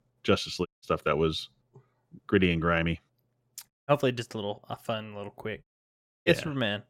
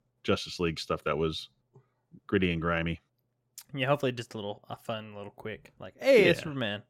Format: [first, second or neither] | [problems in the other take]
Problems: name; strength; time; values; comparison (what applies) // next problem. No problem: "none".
second | audio cutting out; at 0.5 s, at 3.5 s and at 5.5 s for 0.5 s